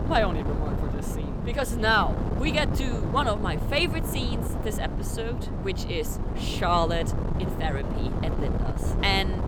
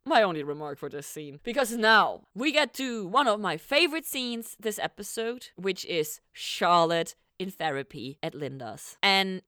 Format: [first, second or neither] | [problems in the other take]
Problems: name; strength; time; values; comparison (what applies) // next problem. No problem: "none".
second | wind noise on the microphone; heavy; 9 dB below the speech